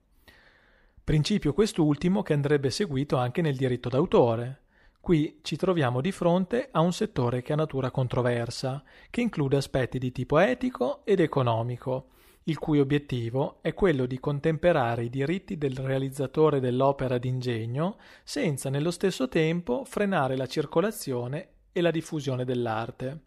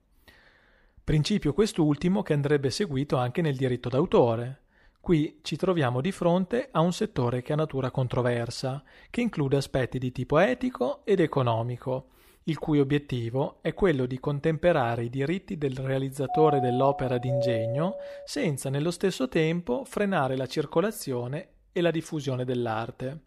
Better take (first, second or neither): first